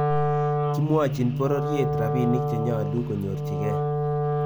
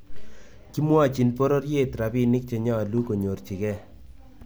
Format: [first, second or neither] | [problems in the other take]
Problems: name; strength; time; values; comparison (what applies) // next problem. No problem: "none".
second | background sound (Wind instrument, woodwind instrument); 2 dB above the speech